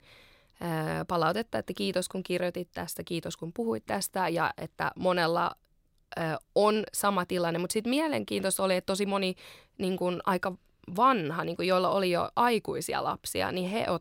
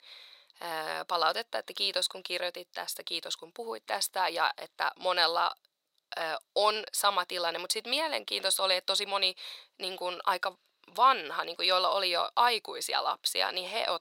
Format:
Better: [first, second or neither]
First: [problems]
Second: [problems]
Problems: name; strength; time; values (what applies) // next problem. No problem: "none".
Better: first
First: none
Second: thin; very; fading below 750 Hz